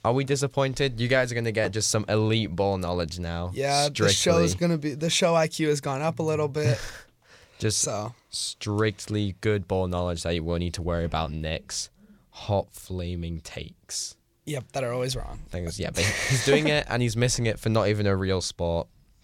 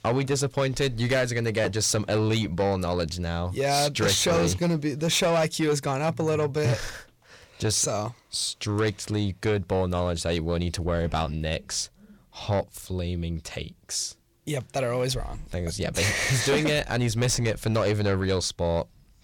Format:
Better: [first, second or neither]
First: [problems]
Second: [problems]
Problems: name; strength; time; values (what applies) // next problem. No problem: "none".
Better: first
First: none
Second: distortion; slight; 10 dB below the speech